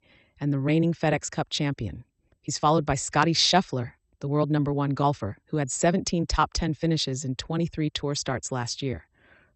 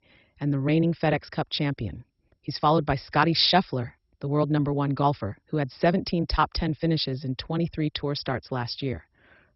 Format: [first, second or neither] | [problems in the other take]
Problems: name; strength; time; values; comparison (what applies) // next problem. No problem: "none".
first | garbled, watery; badly; nothing above 5.5 kHz; slightly in the first